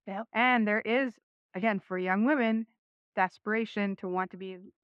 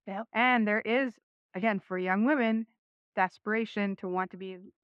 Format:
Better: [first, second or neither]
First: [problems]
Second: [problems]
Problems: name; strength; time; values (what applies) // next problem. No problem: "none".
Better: neither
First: muffled; very; fading above 2 kHz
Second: muffled; very; fading above 2 kHz